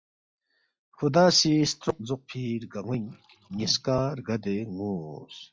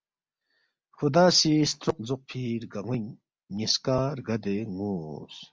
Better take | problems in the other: second | noise reduction (classical method log-MMSE)

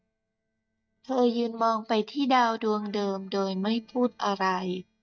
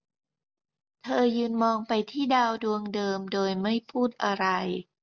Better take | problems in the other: second | noise reduction (neural mask model DeepFilterNet 3)

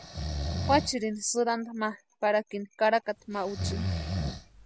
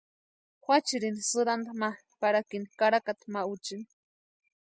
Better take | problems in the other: second | background sound (Breathing); 5 dB below the speech

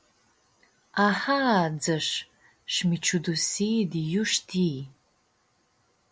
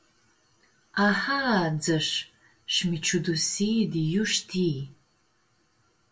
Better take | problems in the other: first | room echo; dies away in 0.2 s

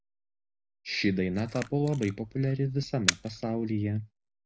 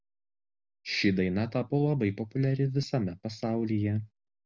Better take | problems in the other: second | background sound (Camera); 7 dB below the speech

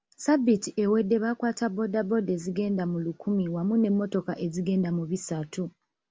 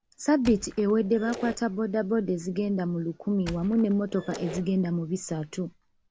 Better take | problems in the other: first | background sound (Squeak + Squeak); 17 dB below the speech

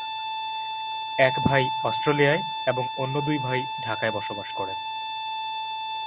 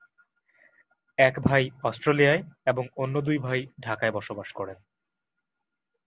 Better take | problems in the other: second | background sound (Bowed string instrument); 2 dB below the speech

